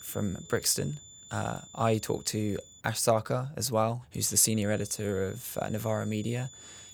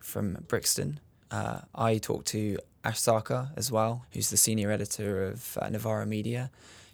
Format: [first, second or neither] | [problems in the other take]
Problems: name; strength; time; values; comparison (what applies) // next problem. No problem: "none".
second | high-pitched whine; noticeable; until 3 s and from 4 s on; 7 kHz, 20 dB below the speech